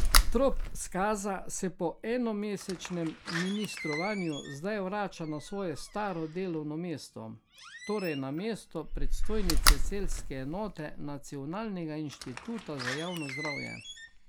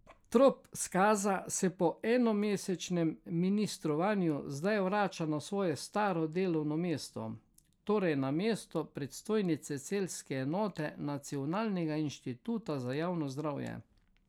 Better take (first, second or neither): second